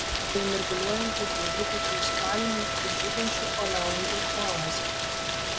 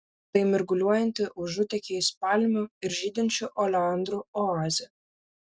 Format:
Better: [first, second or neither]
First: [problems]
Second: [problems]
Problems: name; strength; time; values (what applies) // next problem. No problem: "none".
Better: second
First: background sound (Wind instrument, woodwind instrument + Rain); 5 dB above the speech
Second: none